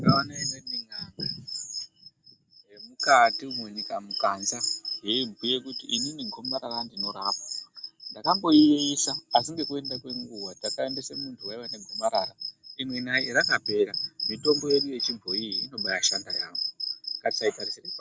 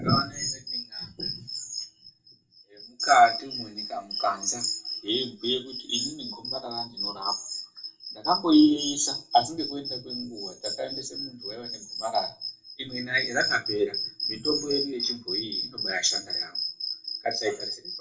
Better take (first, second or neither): first